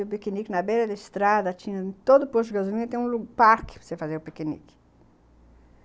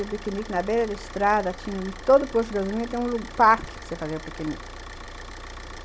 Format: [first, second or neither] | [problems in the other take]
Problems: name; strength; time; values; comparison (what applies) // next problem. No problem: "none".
first | background sound (Idling / Car); 13 dB below the speech